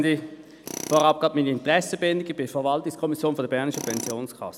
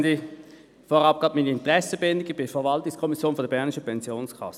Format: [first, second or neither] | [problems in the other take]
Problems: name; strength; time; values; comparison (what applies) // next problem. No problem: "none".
second | background sound (Tools); 16 dB below the speech